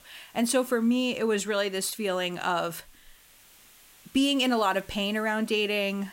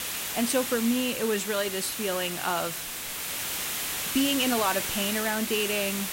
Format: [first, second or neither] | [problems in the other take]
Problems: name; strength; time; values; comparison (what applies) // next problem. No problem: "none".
first | hiss; loud; throughout; 2 dB below the speech; faint in the first